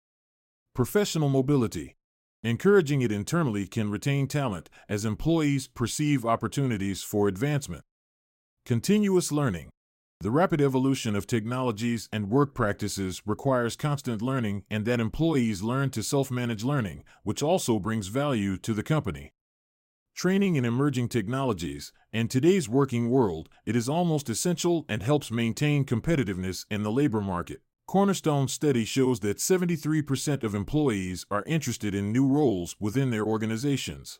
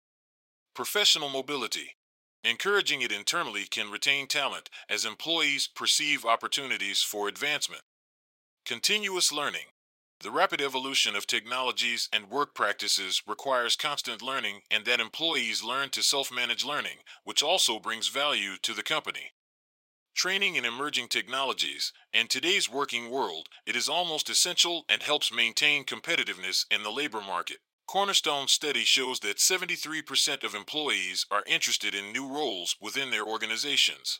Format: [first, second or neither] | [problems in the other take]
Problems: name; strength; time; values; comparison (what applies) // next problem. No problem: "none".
first | thin; very; fading below 750 Hz